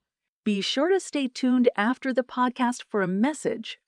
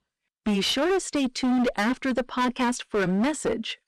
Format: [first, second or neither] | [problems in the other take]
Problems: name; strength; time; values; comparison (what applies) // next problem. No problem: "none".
first | distortion; heavy; 21% of the sound clipped